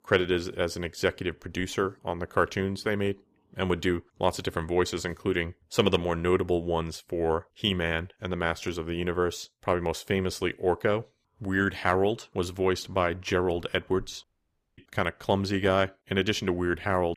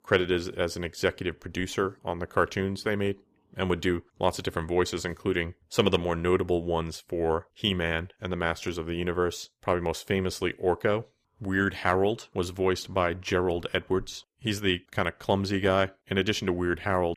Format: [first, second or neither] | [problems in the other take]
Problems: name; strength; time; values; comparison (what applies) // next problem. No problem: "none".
second | audio cutting out; at 14 s for 0.5 s